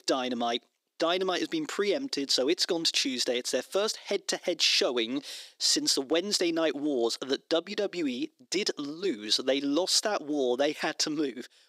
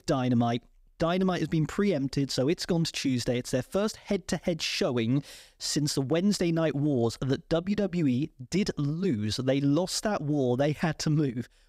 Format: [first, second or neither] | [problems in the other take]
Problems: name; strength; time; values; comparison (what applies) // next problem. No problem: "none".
second | thin; somewhat; fading below 300 Hz